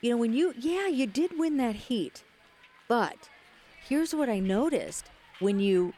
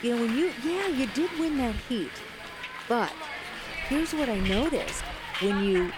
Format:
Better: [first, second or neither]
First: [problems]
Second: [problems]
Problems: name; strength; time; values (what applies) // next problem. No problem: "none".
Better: first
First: hiss; faint; throughout; 25 dB below the speech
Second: hiss; loud; throughout; 6 dB below the speech